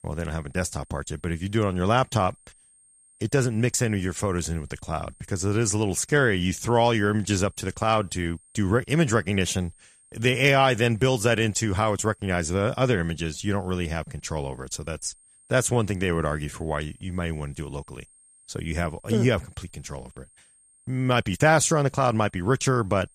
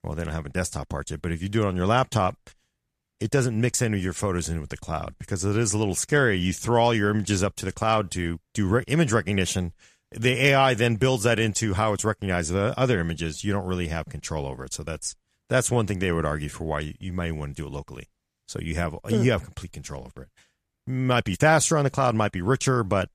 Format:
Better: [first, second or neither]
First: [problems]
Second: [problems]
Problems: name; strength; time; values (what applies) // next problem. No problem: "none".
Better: second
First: high-pitched whine; faint; throughout; 8.5 kHz, 30 dB below the speech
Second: none